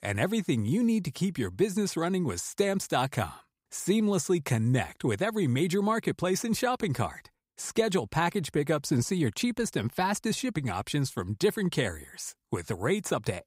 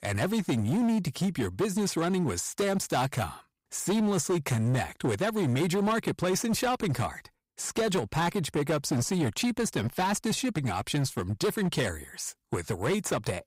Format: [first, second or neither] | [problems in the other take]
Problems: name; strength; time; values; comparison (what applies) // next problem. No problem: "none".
first | distortion; slight; 15% of the sound clipped